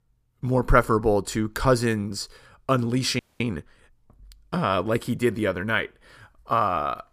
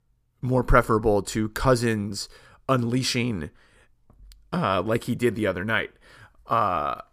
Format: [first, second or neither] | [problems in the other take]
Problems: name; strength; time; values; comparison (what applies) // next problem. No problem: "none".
second | audio freezing; at 3 s